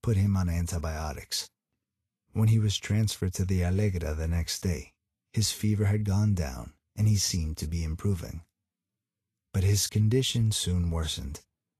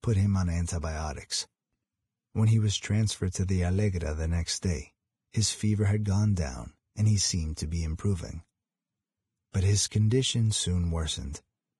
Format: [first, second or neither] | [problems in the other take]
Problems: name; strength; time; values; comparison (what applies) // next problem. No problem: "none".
first | garbled, watery; badly; nothing above 10 kHz; slightly in the first